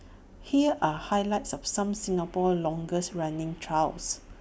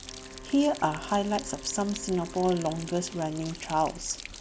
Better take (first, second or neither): first